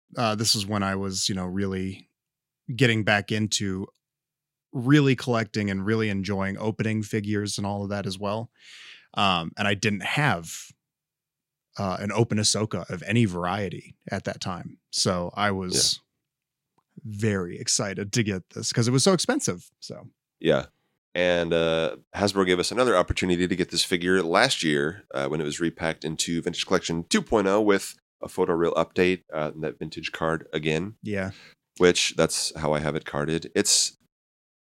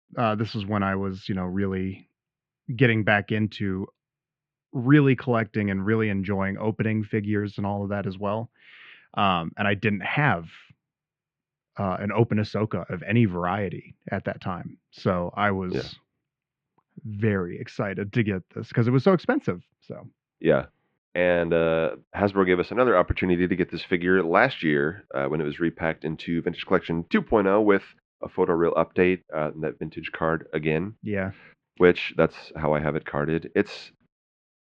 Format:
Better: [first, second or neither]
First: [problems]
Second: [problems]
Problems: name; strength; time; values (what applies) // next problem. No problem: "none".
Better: first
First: none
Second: muffled; very; fading above 2.5 kHz